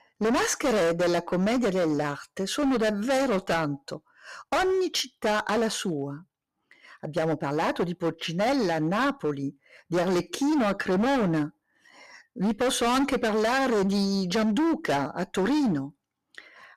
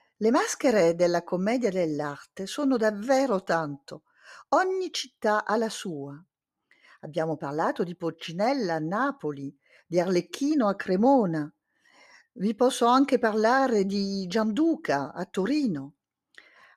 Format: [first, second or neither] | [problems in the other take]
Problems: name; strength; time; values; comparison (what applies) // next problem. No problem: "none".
second | distortion; heavy; 20% of the sound clipped